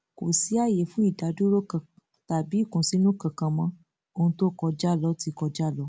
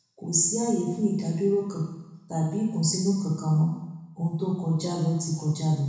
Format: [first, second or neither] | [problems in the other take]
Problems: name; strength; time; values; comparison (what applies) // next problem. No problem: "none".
first | room echo; dies away in 1 s